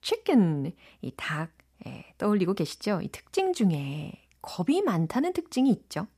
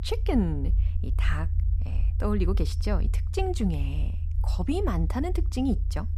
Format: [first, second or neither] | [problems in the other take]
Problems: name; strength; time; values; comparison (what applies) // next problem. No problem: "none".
first | low rumble; noticeable; throughout; 15 dB below the speech